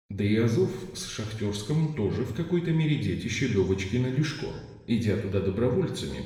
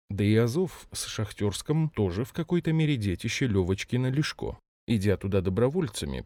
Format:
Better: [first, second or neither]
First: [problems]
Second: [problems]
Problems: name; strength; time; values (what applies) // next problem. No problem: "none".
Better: second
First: room echo; noticeable; dies away in 1 s // off-mic speech; far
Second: none